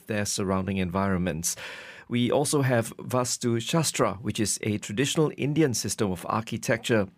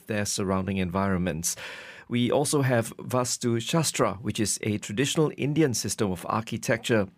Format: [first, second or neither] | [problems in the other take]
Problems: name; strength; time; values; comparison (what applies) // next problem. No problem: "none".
neither | none